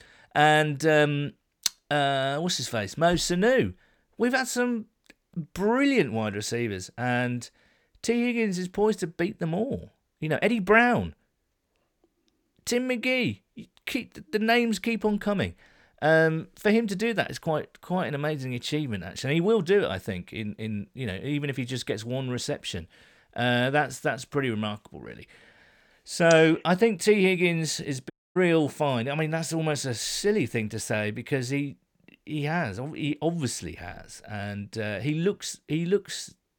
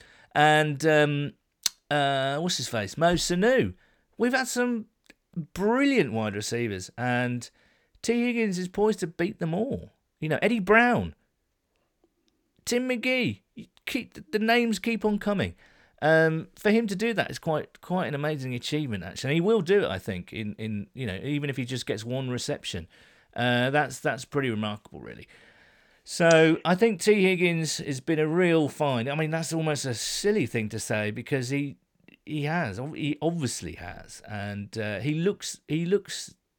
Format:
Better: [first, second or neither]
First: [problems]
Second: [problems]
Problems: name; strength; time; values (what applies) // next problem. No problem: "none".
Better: second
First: audio cutting out; at 28 s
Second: none